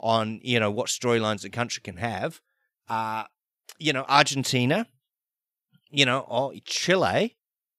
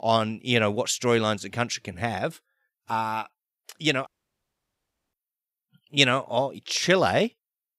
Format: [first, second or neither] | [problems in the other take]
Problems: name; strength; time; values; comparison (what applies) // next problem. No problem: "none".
first | audio cutting out; at 4 s for 1 s